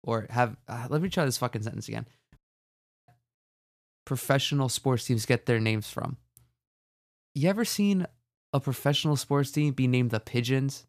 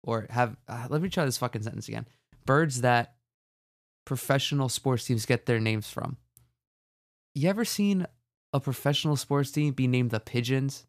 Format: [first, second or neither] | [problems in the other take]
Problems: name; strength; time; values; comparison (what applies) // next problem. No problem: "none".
second | audio cutting out; at 2.5 s for 0.5 s